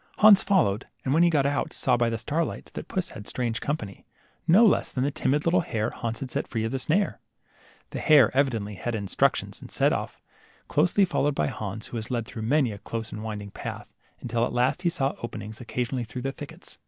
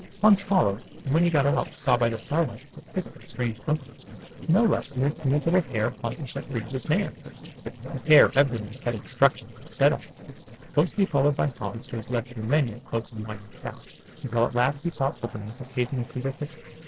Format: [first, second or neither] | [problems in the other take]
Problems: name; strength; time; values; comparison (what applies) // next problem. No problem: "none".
first | noise reduction (neural separator model SepFormer DNS4)